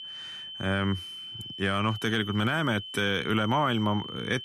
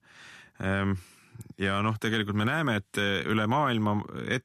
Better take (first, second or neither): second